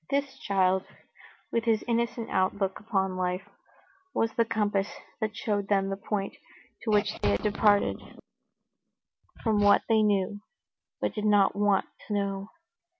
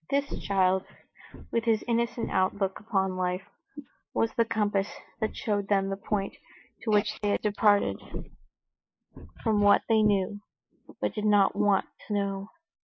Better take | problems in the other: first | noise reduction (neural mask model Resemble Enhance denoiser)

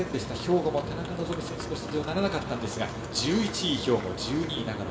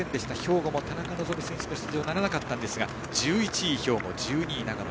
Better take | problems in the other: second | room echo; dies away in 1.7 s

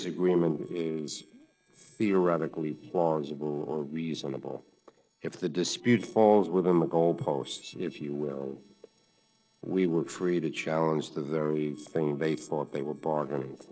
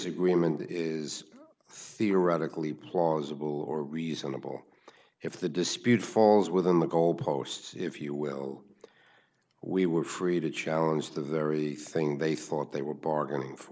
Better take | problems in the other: second | noise reduction (neural separator model SepFormer DNS4)

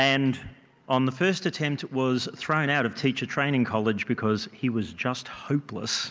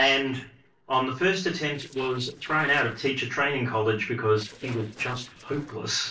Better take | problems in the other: first | noise reduction (neural separator model SepFormer DNS4)

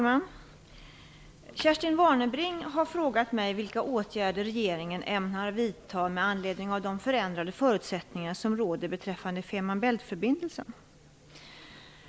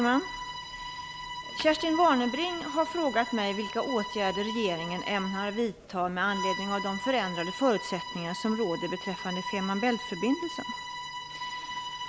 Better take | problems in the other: first | background sound (Bowed string instrument); 8 dB below the speech

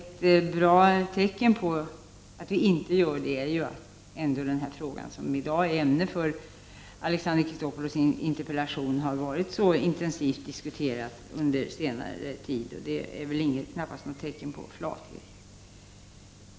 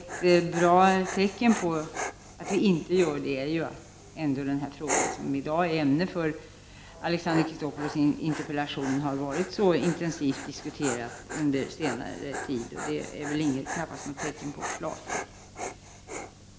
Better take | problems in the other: first | background sound (Dog); 10 dB below the speech

